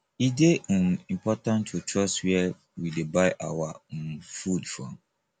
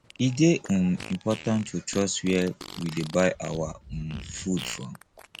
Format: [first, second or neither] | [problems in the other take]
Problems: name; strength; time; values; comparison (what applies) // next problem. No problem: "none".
first | background sound (Fart); 16 dB below the speech